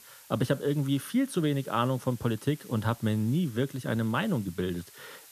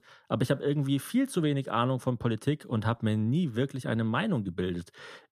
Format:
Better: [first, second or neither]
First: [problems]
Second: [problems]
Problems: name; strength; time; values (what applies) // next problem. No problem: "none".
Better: second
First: hiss; faint; throughout; 20 dB below the speech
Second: none